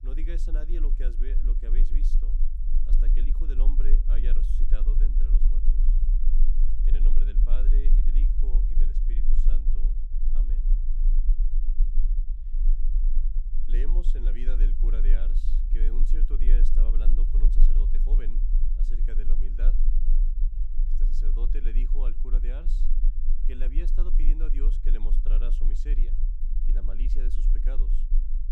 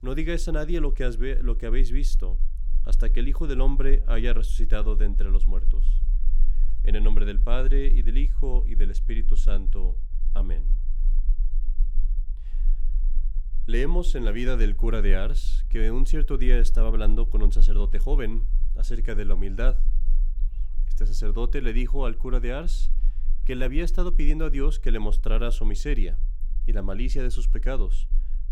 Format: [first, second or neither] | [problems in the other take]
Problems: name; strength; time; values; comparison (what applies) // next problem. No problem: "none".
second | low rumble; loud; throughout; 6 dB below the speech; faint in the second